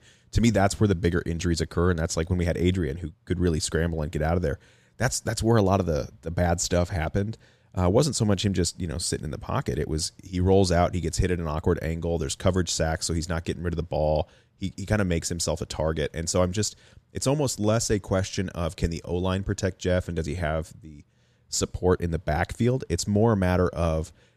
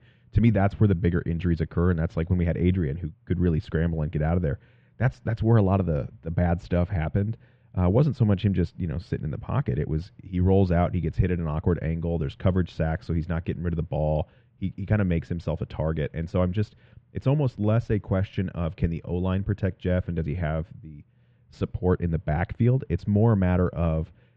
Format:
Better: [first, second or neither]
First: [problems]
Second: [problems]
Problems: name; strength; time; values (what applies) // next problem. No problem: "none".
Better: first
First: none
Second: muffled; very; fading above 2.5 kHz